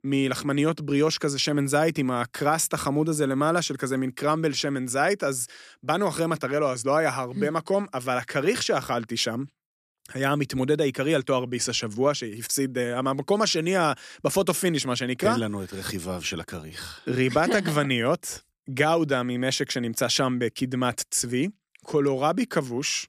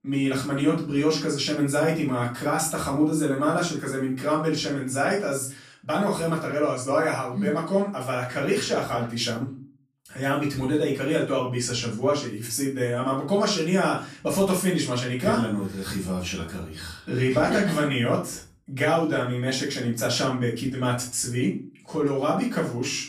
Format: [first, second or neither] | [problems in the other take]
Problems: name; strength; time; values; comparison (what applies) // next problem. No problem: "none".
first | off-mic speech; far // room echo; slight; dies away in 0.3 s